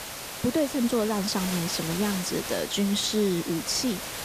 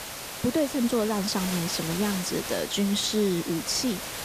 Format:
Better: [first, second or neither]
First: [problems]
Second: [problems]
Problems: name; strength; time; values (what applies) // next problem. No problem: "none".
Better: neither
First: hiss; loud; throughout; 6 dB below the speech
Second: hiss; loud; throughout; 6 dB below the speech